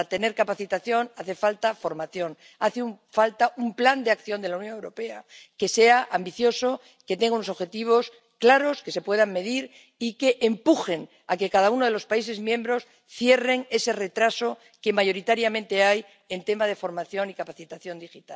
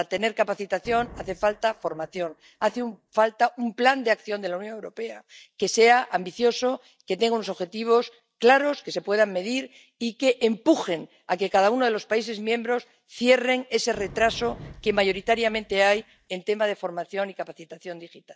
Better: first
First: none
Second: noise reduction (neural mask model DeepFilterNet 3)

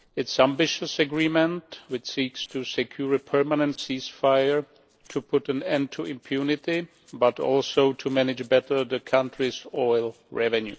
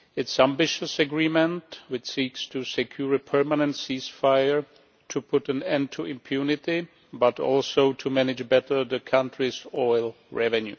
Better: second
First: noise reduction (neural separator model SepFormer DNS4)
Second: none

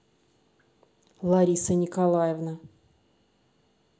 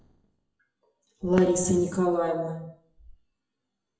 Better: first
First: none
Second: noise reduction (classical method WPE with log-MMSE)

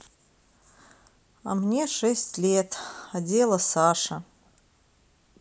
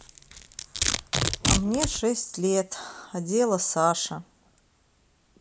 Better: first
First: none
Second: background sound (Domestic sounds, home sounds); 3 dB below the speech

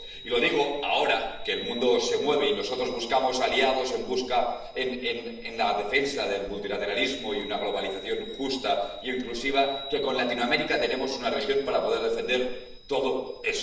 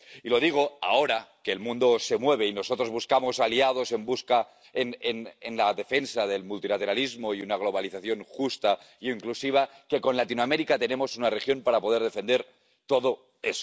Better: second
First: background sound (Chime); 15 dB below the speech // room echo; dies away in 0.8 s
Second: none

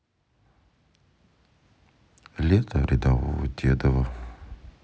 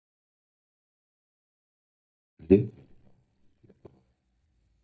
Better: first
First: none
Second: noise reduction (neural mask model DeepFilterNet 3)

